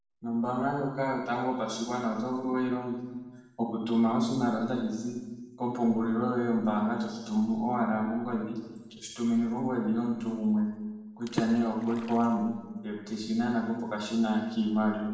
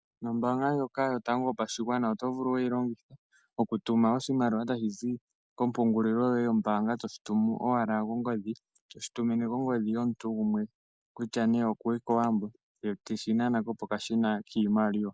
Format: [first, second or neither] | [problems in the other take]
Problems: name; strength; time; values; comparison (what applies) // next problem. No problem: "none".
second | background sound (Water / Splash, splatter); 11 dB below the speech // room echo; dies away in 1.1 s